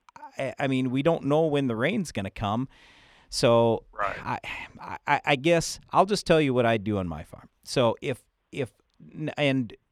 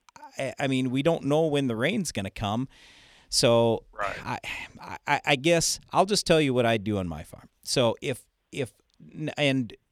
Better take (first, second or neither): second